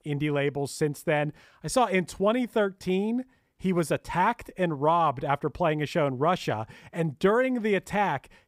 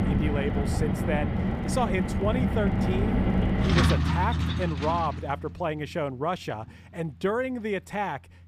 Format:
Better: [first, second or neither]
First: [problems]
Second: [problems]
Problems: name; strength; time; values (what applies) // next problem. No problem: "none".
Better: first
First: none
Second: traffic noise; very loud; throughout; 4 dB above the speech